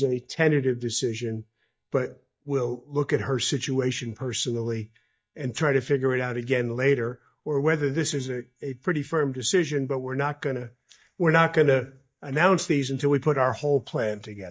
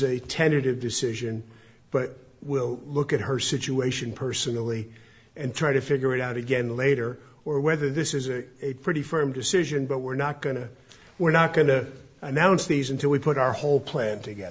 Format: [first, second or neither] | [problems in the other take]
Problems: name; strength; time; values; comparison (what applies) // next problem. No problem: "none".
second | noise reduction (neural mask model DeepFilterNet 3)